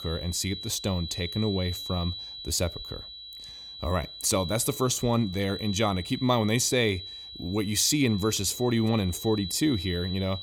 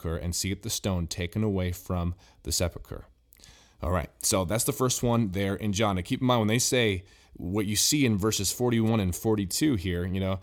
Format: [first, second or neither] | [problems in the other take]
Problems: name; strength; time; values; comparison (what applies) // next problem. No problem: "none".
second | high-pitched whine; noticeable; throughout; 4 kHz, 10 dB below the speech